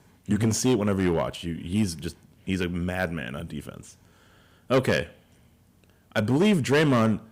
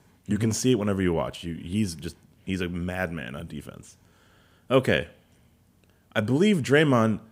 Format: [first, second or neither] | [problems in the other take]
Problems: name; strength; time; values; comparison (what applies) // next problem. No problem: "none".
second | distortion; slight; 4% of the sound clipped